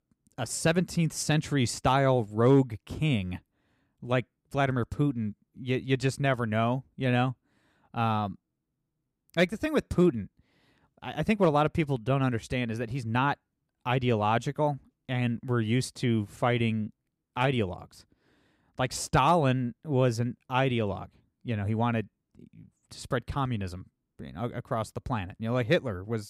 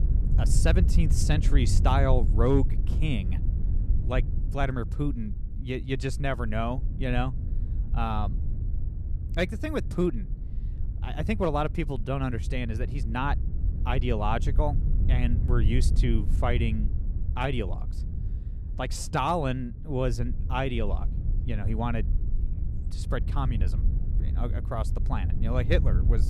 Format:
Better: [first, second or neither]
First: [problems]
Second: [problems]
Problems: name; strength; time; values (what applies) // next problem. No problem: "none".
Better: first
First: none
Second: wind noise on the microphone; occasional gusts; 15 dB below the speech